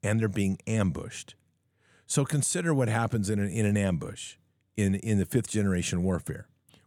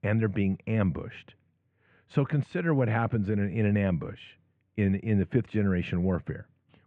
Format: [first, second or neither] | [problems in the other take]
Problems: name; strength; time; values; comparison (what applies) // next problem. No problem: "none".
first | muffled; very; fading above 2.5 kHz